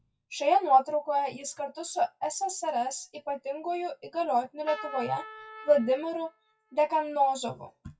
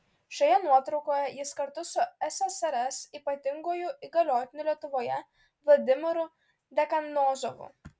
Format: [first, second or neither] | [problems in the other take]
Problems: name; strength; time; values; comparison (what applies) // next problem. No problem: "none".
second | noise reduction (classical method WPE with log-MMSE)